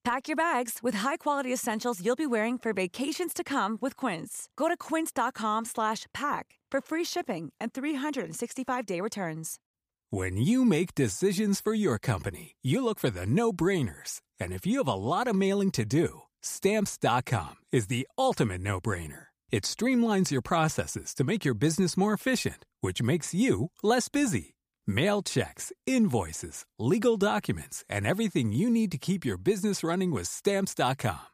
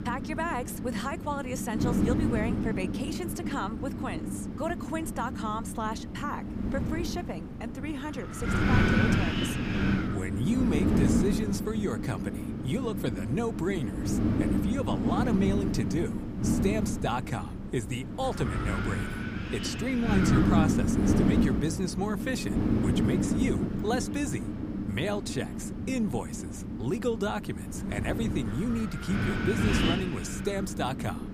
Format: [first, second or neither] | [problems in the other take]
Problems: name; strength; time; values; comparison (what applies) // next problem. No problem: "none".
first | wind noise on the microphone; heavy; as loud as the speech